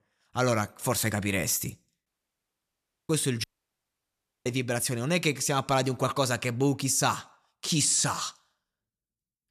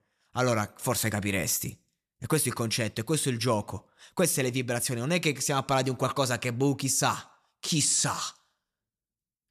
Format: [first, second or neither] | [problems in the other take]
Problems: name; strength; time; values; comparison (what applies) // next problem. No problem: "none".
second | audio cutting out; at 2 s for 1 s and at 3.5 s for 1 s